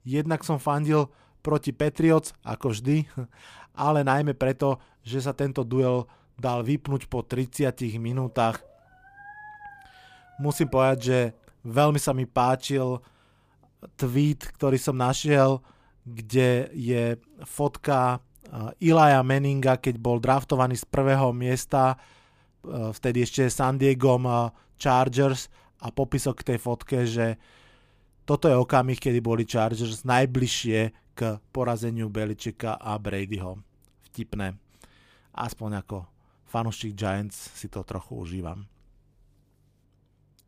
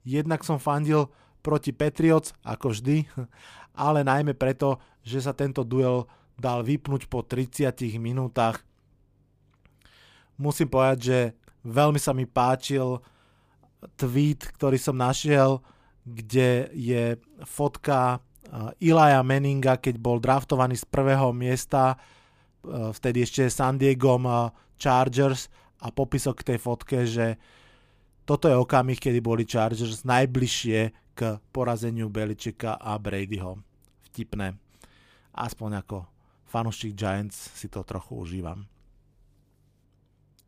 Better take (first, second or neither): second